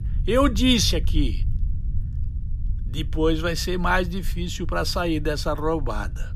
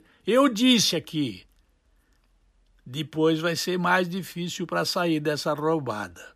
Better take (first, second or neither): second